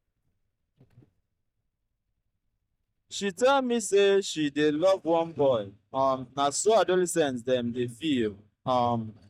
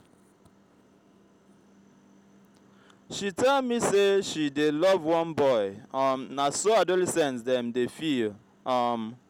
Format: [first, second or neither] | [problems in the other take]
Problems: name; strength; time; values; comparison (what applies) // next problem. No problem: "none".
second | noise reduction (neural mask model DeepFilterNet 3)